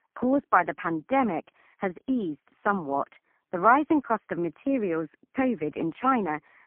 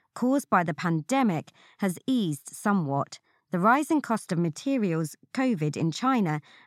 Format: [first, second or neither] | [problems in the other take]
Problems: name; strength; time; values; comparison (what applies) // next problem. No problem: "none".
second | phone-call audio; poor line; nothing above 3 kHz